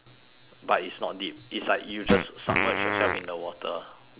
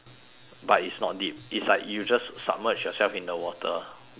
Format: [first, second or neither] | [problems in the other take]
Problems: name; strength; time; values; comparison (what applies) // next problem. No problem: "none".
second | background sound (Fart); 2 dB above the speech